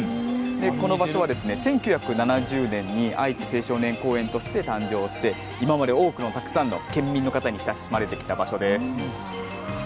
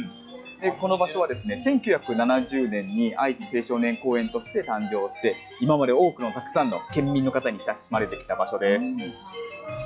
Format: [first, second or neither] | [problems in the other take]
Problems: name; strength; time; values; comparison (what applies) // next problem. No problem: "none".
first | noise reduction (classical method log-MMSE)